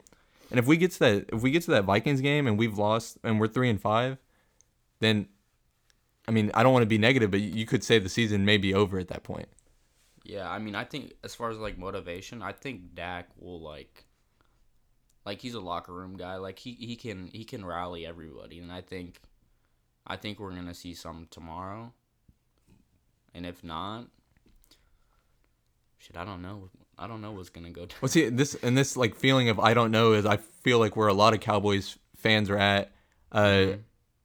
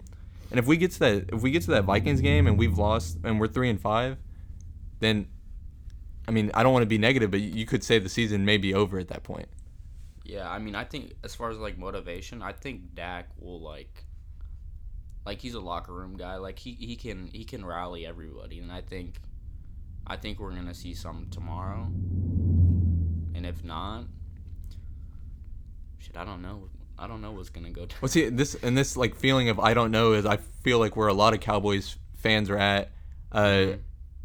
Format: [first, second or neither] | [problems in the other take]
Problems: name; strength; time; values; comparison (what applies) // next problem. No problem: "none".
first | low rumble; noticeable; throughout; 15 dB below the speech